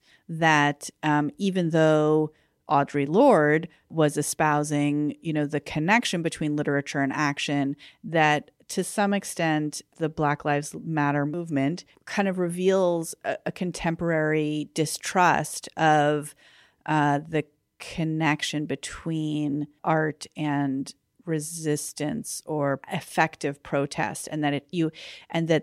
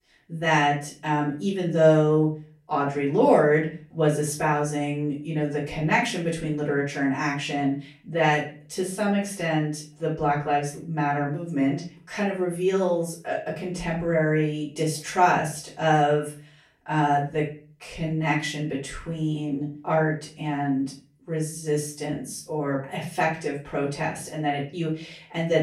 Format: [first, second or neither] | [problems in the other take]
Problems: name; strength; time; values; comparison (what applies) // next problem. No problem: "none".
first | off-mic speech; far // room echo; slight; dies away in 0.3 s